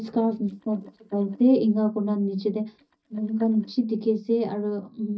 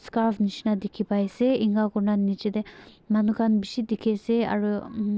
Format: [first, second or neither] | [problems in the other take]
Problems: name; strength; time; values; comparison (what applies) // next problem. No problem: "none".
second | noise reduction (neural mask model DeepFilterNet 3)